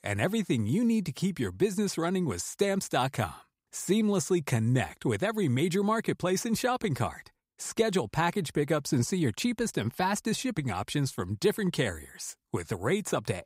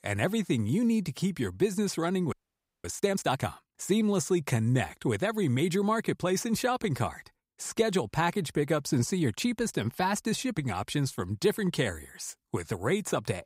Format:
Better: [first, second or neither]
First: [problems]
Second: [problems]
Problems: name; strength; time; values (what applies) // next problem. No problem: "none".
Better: first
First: none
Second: audio freezing; at 2.5 s for 0.5 s